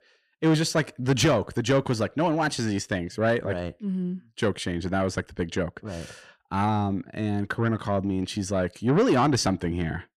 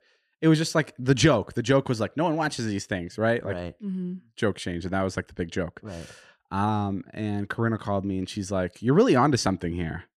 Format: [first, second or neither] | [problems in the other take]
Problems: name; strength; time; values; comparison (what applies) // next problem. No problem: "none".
second | distortion; slight; 10 dB below the speech